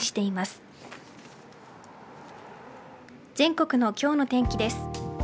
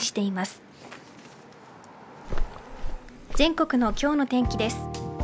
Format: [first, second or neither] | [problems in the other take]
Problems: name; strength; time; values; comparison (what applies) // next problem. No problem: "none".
first | background sound (Walk, footsteps); as loud as the speech